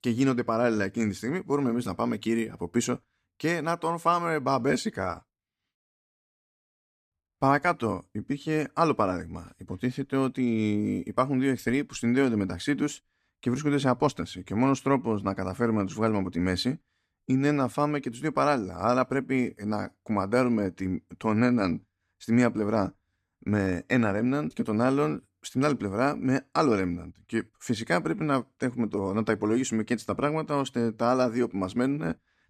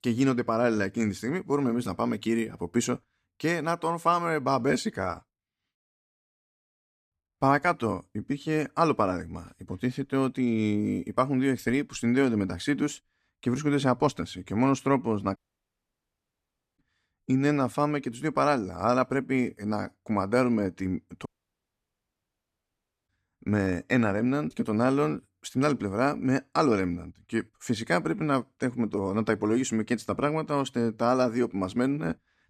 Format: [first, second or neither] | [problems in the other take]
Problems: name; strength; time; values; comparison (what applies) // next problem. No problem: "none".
first | audio cutting out; at 15 s for 1.5 s and at 21 s for 2 s